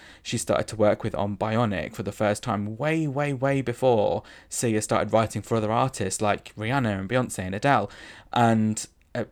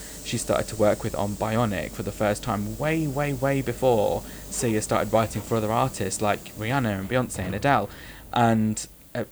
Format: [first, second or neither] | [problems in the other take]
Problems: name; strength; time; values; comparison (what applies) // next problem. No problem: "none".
first | hiss; noticeable; throughout; 15 dB below the speech